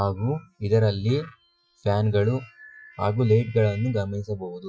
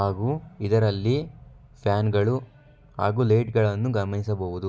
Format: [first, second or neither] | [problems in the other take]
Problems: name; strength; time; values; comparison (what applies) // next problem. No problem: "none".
second | noise reduction (classical method Wiener filter)